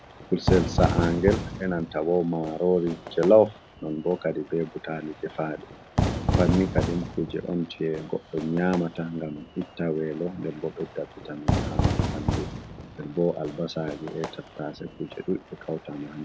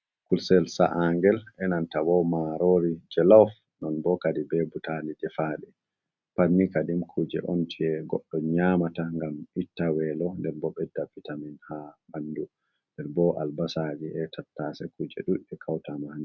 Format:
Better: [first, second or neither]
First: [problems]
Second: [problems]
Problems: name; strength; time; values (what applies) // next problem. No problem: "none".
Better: second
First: background sound (Fire / Fireworks); 4 dB below the speech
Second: none